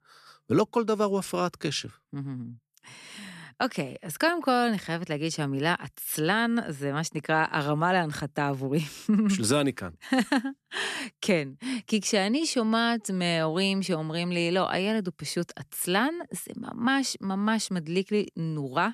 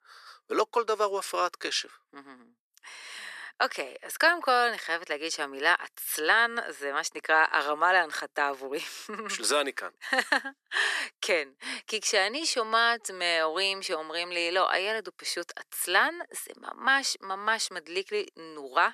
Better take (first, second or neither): first